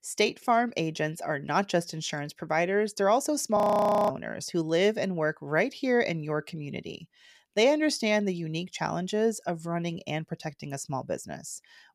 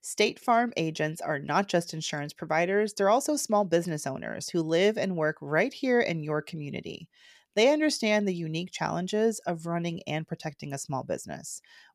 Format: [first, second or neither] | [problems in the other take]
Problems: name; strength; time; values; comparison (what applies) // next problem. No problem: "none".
second | audio freezing; at 3.5 s for 0.5 s